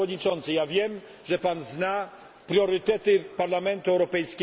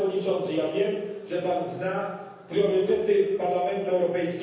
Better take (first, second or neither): first